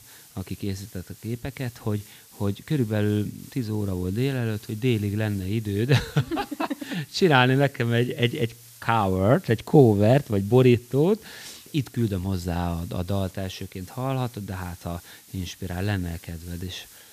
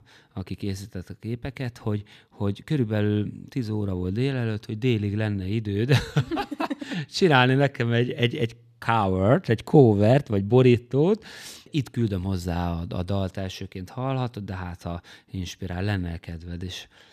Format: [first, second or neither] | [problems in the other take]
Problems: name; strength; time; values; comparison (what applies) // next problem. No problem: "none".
second | hiss; faint; throughout; 20 dB below the speech